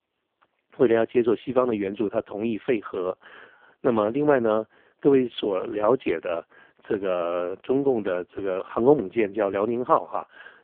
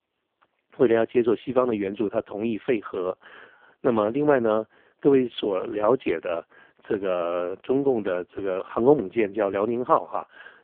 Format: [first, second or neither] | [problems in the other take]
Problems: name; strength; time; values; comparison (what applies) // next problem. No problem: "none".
neither | phone-call audio; poor line; nothing above 3.5 kHz; the same in both